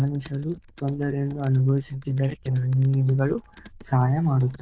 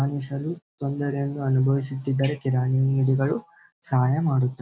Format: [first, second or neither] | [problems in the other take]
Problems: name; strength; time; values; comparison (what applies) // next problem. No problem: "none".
second | noise reduction (neural diffusion model UNIVERSE++)